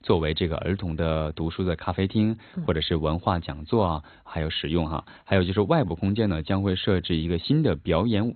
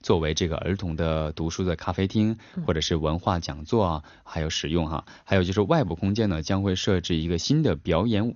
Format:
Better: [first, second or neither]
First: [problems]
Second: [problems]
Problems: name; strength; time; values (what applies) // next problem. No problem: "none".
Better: second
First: garbled, watery; badly; nothing above 4 kHz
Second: garbled, watery; slightly; nothing above 6.5 kHz